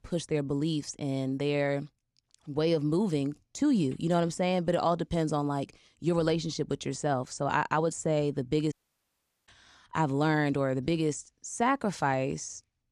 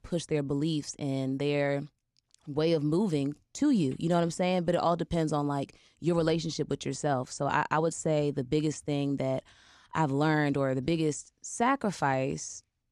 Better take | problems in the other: second | audio cutting out; at 8.5 s for 1 s

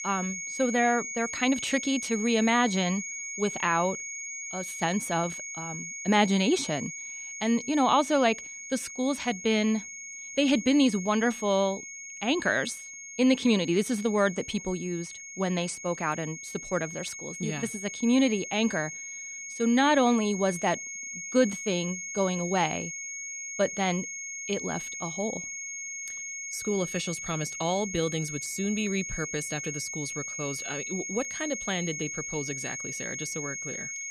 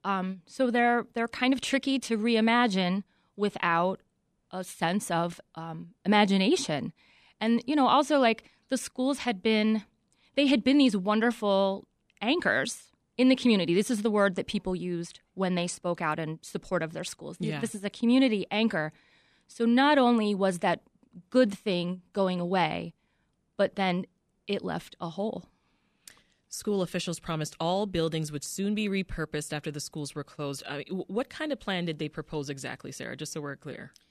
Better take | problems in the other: second | high-pitched whine; loud; throughout; 6.5 kHz, 7 dB below the speech

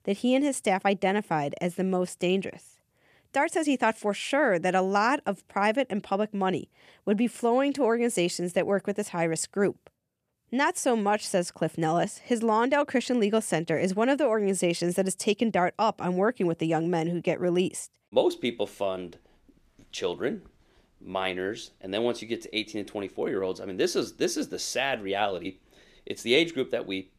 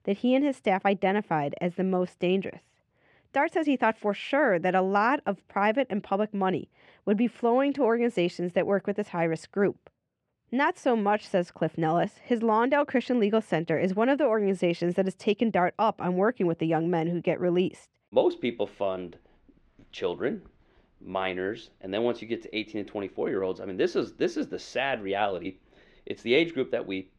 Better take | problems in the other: first | muffled; slightly; fading above 3 kHz

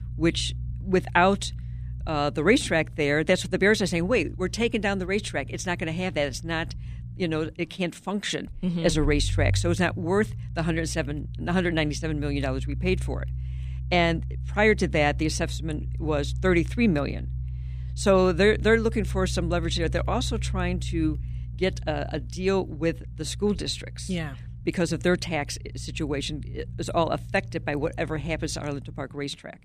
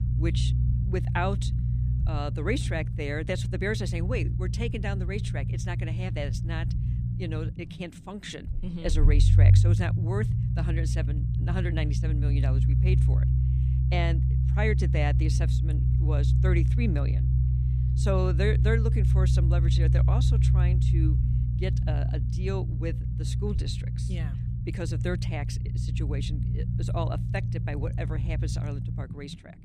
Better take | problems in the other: first | low rumble; loud; throughout; 4 dB below the speech; faint in the first

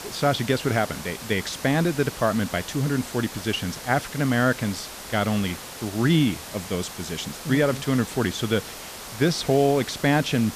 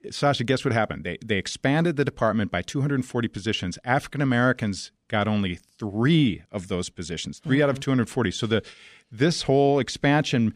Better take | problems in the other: second | hiss; noticeable; throughout; 10 dB below the speech

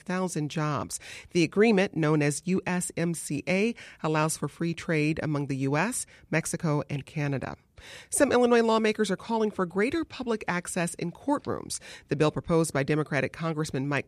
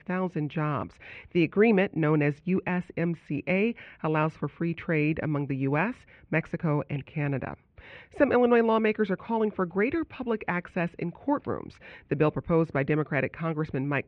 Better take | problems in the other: first | muffled; very; fading above 2.5 kHz

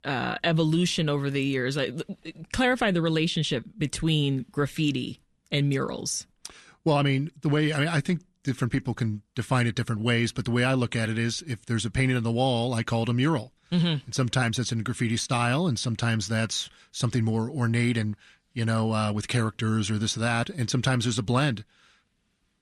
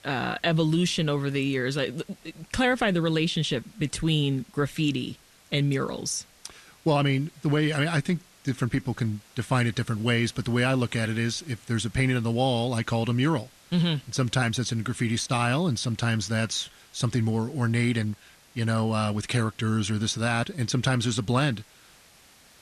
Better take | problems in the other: first | hiss; faint; throughout; 25 dB below the speech

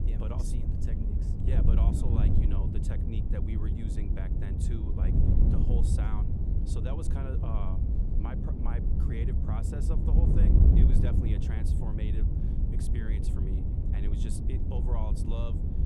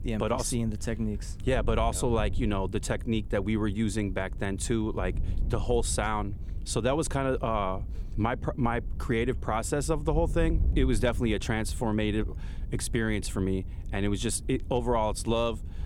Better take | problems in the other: second | wind noise on the microphone; heavy; 3 dB above the speech; occasional gusts in the second

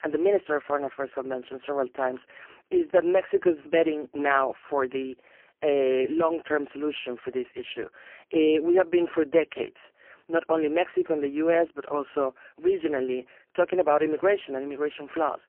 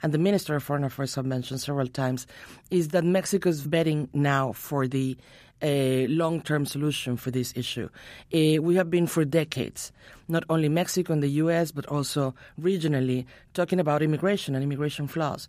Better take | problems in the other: second | phone-call audio; poor line; nothing above 3 kHz

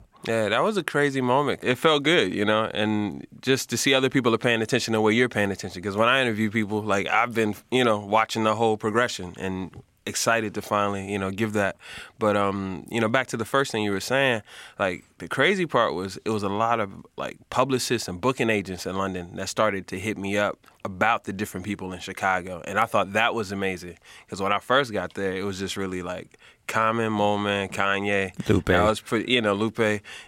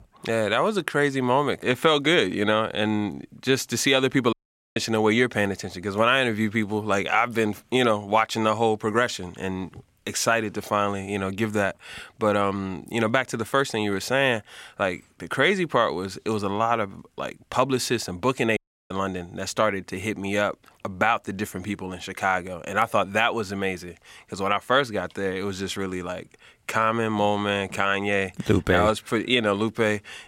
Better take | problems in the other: first | audio cutting out; at 4.5 s and at 19 s

